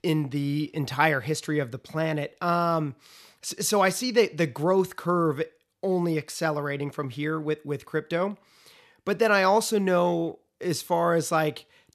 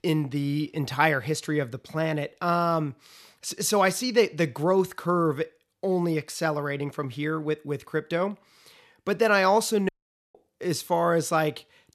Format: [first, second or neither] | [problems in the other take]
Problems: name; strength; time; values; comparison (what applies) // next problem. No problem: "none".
first | audio cutting out; at 10 s